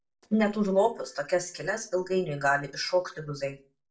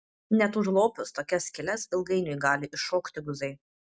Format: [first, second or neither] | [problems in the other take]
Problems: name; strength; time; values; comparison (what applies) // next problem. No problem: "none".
second | noise reduction (neural separator model SepFormer DNS4)